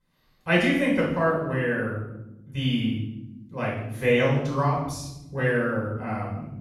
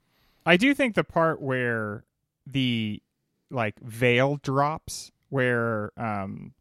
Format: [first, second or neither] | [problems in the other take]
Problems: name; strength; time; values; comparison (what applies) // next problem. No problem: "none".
second | room echo; noticeable; dies away in 0.9 s // off-mic speech; far